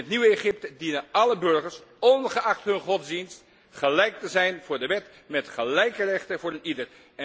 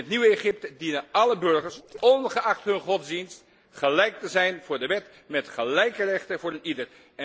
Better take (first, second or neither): first